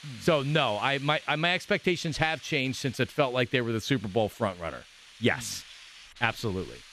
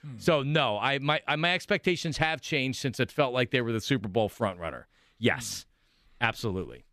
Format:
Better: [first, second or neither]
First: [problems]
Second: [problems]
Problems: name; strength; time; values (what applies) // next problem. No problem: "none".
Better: second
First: hiss; noticeable; throughout; 20 dB below the speech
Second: none